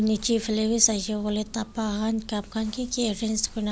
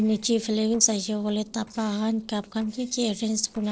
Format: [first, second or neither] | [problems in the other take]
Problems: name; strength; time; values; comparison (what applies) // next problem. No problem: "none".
first | noise reduction (neural separator model SepFormer DNS4)